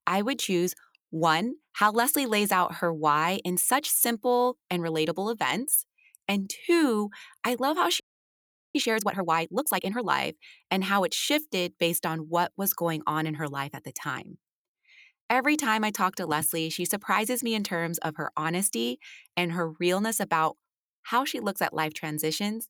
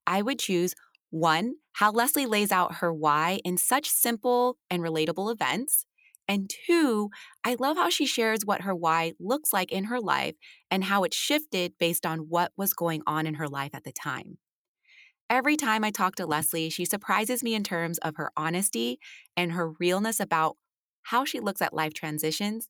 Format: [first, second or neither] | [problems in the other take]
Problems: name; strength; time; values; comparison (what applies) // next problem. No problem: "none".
second | audio freezing; at 8 s for 1 s